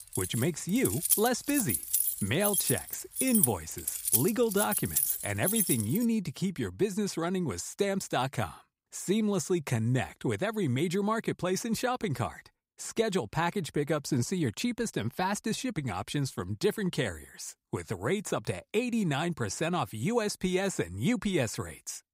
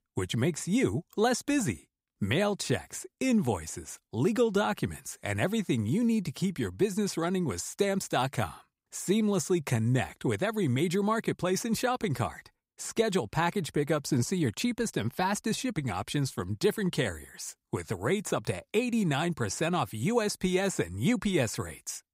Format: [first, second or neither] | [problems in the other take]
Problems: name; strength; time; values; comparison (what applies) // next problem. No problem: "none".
second | jangling keys; loud; until 6 s; peak 5 dB above the speech